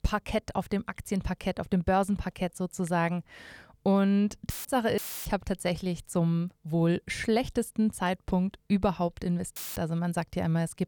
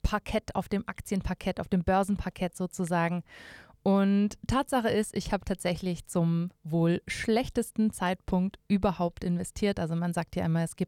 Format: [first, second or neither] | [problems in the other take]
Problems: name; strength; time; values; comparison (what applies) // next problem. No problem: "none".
second | audio cutting out; filled with static; at 4.5 s, at 5 s and at 9.5 s